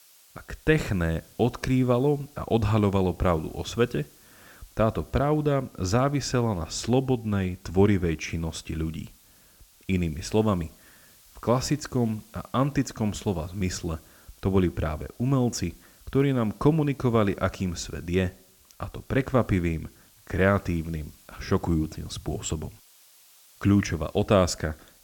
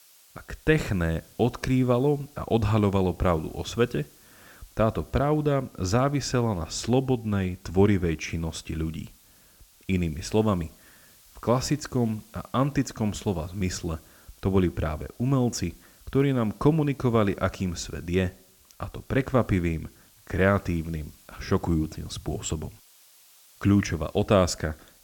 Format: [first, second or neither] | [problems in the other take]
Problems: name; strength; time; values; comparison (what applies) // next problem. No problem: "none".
neither | hiss; faint; throughout; 25 dB below the speech; the same in both